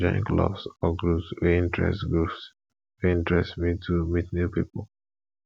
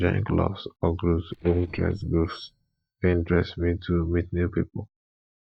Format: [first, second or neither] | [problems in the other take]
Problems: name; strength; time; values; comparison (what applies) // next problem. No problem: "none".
first | noise reduction (neural mask model DeepFilterNet 3)